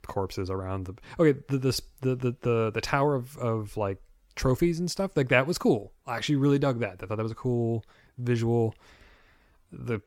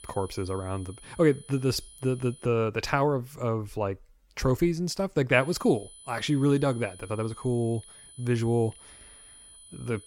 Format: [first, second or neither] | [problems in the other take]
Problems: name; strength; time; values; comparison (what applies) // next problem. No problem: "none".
first | high-pitched whine; faint; until 2.5 s and from 5.5 s on; 10 kHz, 20 dB below the speech